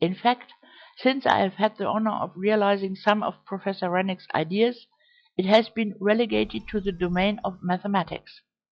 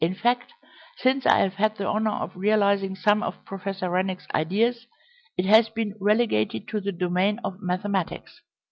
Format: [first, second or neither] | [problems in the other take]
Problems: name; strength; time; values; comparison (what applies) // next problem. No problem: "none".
second | noise reduction (classical method log-MMSE)